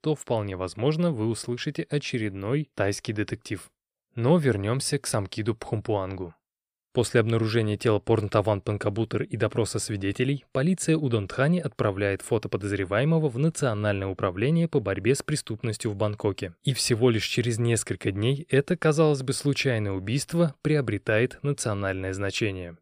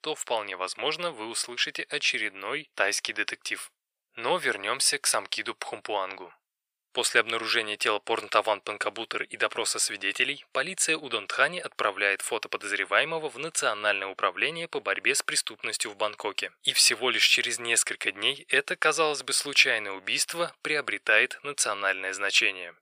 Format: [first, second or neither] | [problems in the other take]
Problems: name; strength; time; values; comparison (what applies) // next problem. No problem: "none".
first | thin; very; fading below 900 Hz